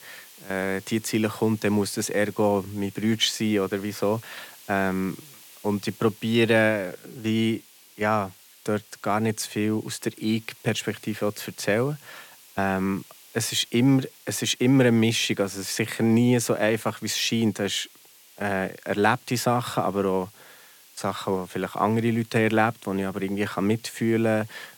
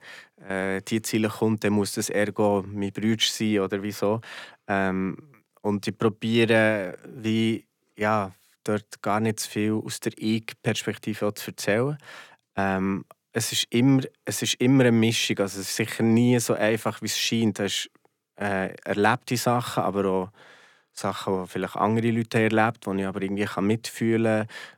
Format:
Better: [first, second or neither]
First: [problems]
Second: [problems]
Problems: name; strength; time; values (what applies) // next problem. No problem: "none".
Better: second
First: hiss; faint; throughout; 25 dB below the speech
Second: none